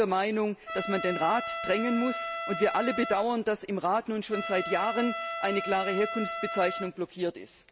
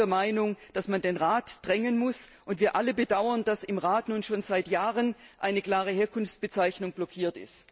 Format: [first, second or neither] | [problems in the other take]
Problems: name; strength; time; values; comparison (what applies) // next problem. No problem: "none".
second | background sound (Trumpet); 7 dB below the speech